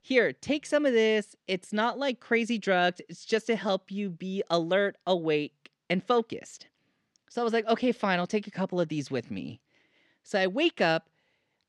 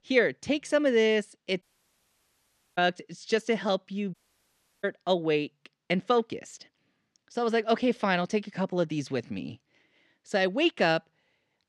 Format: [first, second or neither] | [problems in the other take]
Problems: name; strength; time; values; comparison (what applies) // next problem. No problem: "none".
first | audio cutting out; at 1.5 s for 1 s and at 4 s for 0.5 s